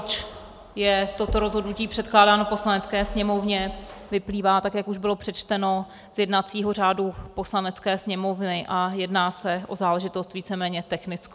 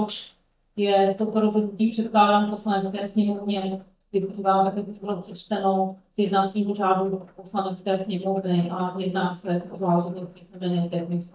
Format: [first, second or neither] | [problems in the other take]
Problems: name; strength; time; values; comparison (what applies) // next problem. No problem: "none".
first | noise reduction (neural mask model DeepFilterNet 3)